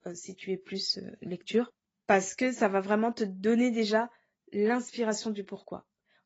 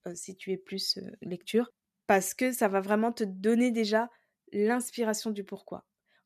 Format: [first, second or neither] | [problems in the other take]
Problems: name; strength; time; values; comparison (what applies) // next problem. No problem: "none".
second | garbled, watery; badly; nothing above 7.5 kHz